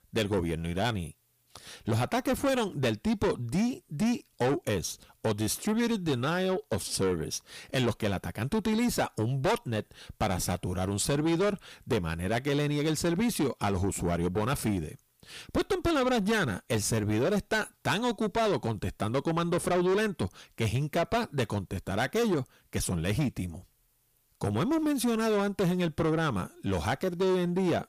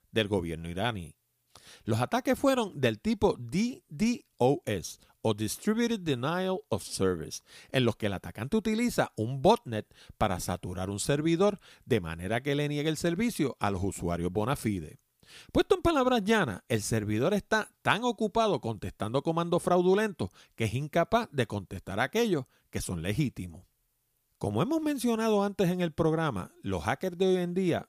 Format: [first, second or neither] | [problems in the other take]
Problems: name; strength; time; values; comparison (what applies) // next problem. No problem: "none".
second | distortion; heavy; 7 dB below the speech